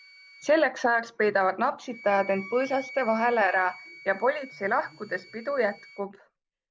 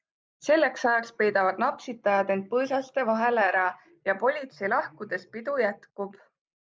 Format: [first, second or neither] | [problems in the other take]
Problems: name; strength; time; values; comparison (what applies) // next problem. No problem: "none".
second | background sound (Wind instrument, woodwind instrument); 19 dB below the speech